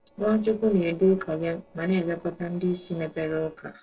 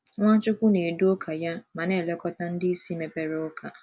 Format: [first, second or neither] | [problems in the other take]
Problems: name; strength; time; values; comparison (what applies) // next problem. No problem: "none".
second | noise reduction (neural separator model SepFormer DNS4)